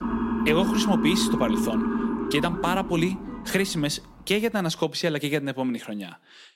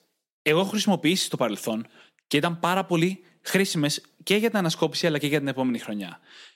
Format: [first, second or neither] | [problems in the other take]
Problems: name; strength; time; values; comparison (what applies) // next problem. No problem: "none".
second | siren; loud; until 4 s; peak 2 dB above the speech